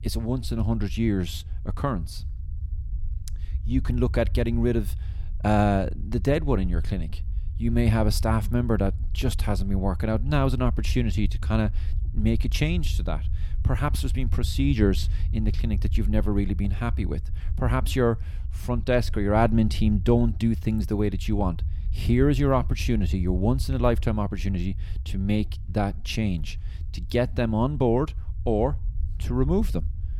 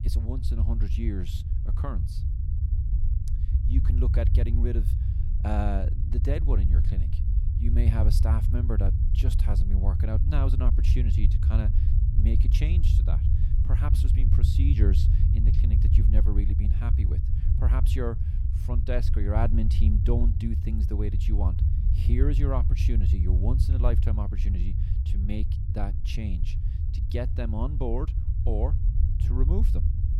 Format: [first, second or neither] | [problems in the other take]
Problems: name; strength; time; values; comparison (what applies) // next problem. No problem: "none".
first | low rumble; loud; throughout; 4 dB below the speech; faint in the first